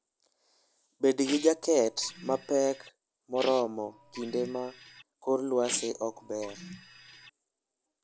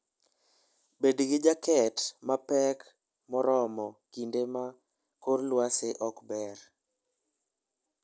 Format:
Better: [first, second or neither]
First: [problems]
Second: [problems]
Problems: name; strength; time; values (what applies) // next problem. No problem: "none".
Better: second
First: background sound (Printer); 14 dB below the speech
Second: none